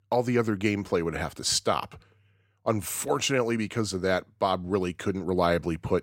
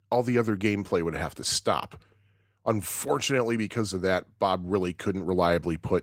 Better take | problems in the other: first | garbled, watery; slightly; nothing above 16 kHz

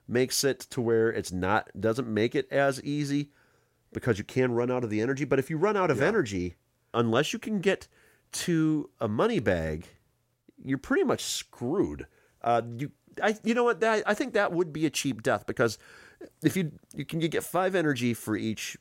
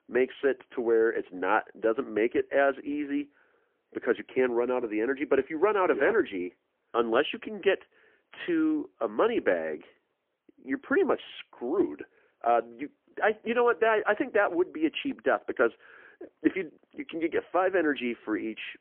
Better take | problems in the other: first | phone-call audio; poor line; nothing above 3.5 kHz

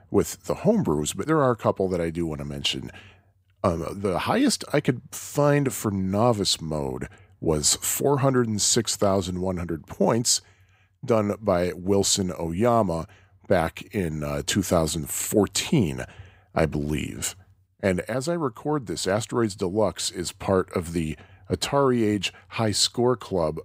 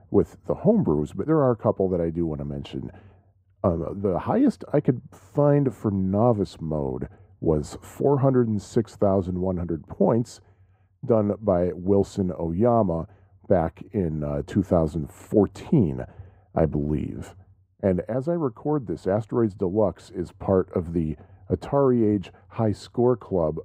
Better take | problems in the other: first | muffled; very; fading above 1.5 kHz

